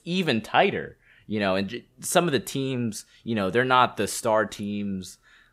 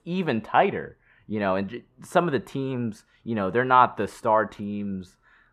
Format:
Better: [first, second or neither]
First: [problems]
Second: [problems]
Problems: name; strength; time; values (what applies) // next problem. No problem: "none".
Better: first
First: none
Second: muffled; very; fading above 3 kHz